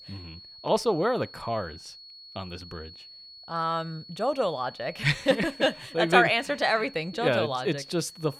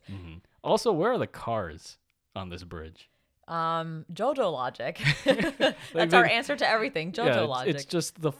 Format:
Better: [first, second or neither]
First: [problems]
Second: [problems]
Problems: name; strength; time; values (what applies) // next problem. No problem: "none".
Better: second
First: high-pitched whine; noticeable; throughout; 4.5 kHz, 20 dB below the speech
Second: none